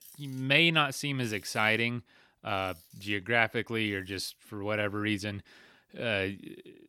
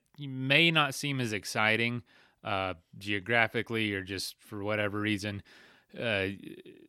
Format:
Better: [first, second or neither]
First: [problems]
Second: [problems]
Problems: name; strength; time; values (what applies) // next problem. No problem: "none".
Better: second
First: machinery noise; faint; throughout; 25 dB below the speech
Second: none